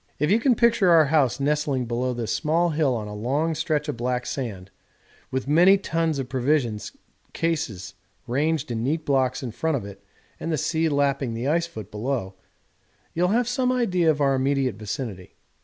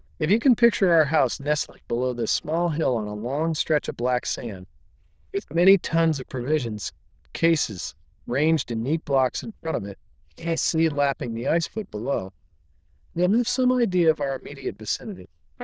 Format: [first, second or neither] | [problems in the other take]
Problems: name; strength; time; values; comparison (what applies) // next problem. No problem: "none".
first | noise reduction (neural diffusion model UNIVERSE++)